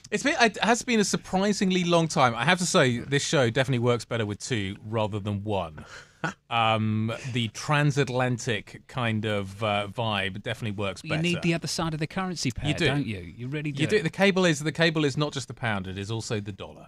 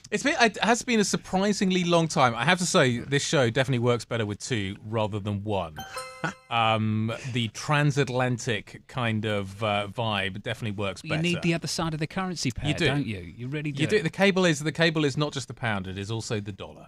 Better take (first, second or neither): first